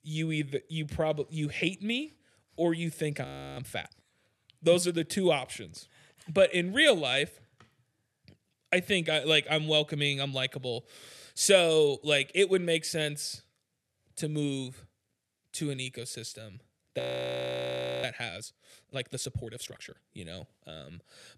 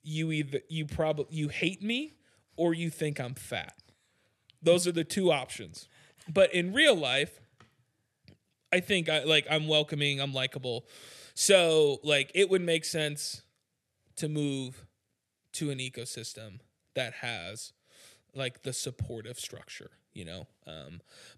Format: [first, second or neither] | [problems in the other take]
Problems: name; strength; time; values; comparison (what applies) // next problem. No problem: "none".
second | audio freezing; at 3.5 s and at 17 s for 1 s